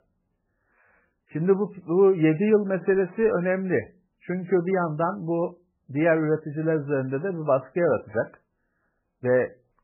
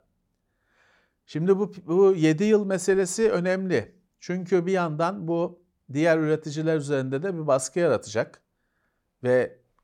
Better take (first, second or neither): second